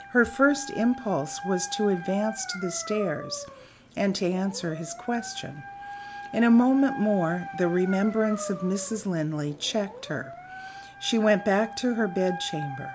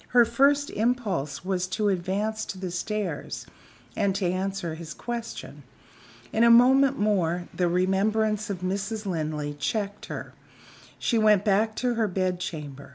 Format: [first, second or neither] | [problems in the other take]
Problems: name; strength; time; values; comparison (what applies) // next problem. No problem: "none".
second | background sound (Dog); 13 dB below the speech